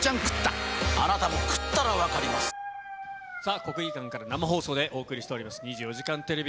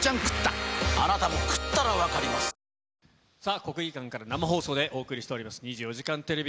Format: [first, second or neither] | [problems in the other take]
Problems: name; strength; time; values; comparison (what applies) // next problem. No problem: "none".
second | background sound (Dog); 13 dB below the speech